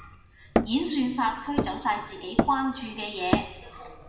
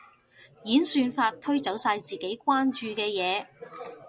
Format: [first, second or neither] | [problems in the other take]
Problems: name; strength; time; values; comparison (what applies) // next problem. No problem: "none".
second | background sound (Hammer); 1 dB below the speech // room echo; dies away in 1 s